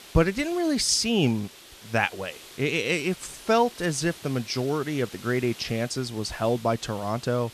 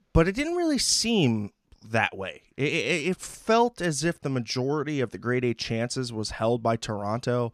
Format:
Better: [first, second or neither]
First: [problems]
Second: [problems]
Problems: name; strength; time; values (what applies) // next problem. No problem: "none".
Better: second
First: hiss; noticeable; throughout; 20 dB below the speech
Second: none